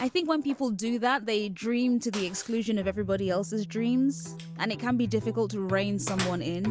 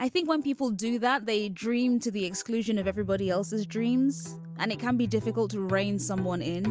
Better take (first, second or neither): second